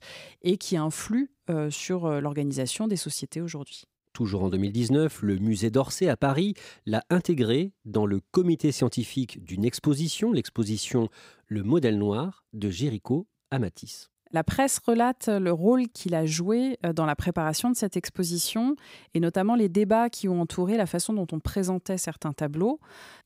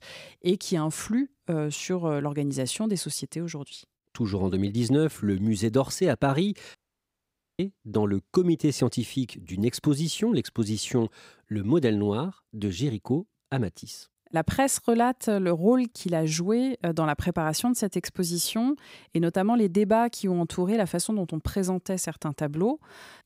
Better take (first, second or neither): first